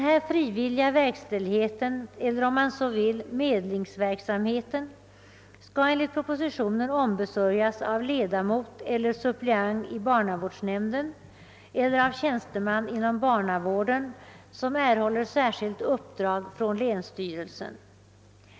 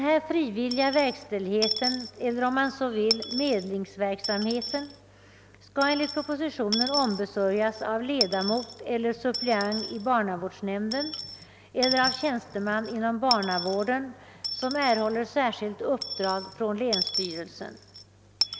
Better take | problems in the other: first | background sound (Coin (dropping) / Dishes, pots, and pans); 8 dB below the speech

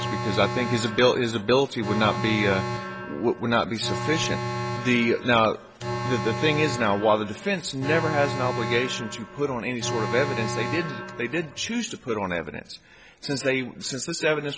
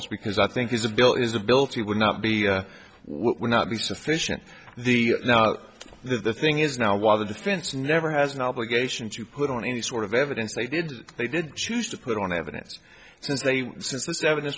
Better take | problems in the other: second | background sound (Alarm); 7 dB below the speech

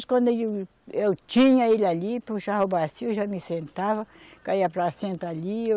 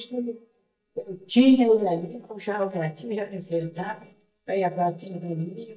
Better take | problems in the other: first | noise reduction (neural mask model DeepFilterNet 3)

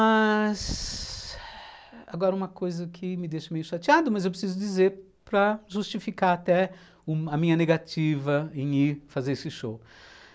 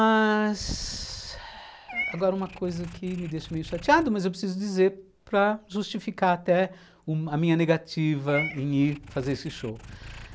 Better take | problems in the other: first | background sound (Meow / Purr); 16 dB below the speech

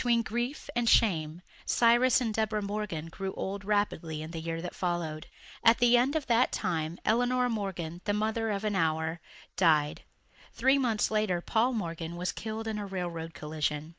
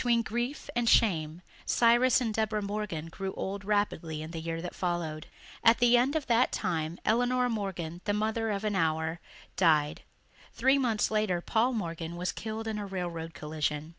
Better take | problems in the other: second | noise reduction (neural mask model Resemble Enhance denoiser)

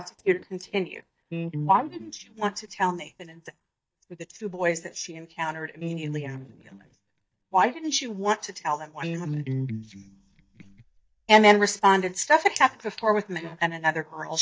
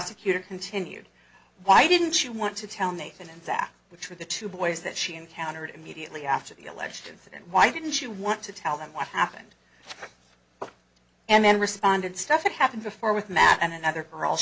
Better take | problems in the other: second | noise reduction (neural mask model DeepFilterNet 3)

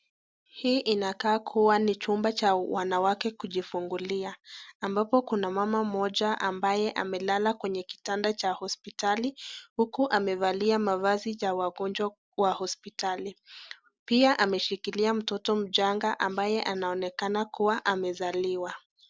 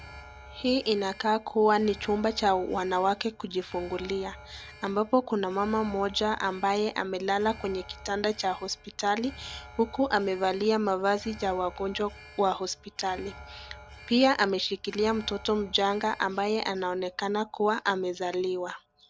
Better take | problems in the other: first | background sound (Alarm); 20 dB below the speech

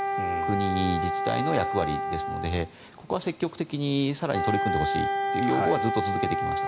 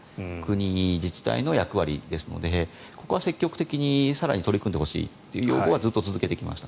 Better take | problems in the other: second | background sound (Wind instrument, woodwind instrument); as loud as the speech

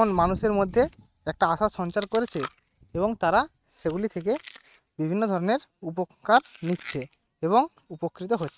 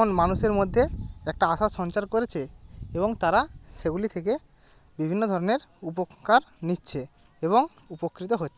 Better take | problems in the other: second | noise reduction (neural mask model RNNoise)

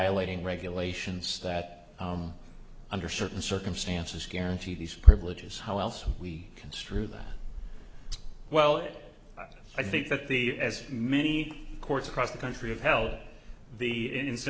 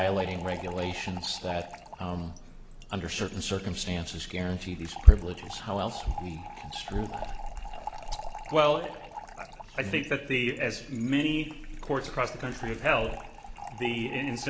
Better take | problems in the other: first | background sound (Fill (with liquid) / Trickle, dribble); 15 dB below the speech

